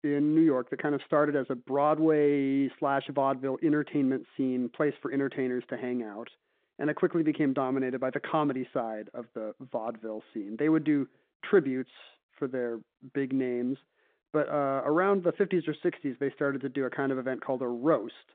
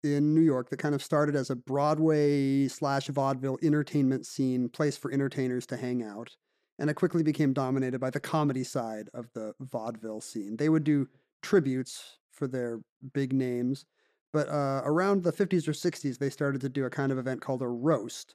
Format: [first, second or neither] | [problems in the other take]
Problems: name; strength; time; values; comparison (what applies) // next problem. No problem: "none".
second | phone-call audio; nothing above 3.5 kHz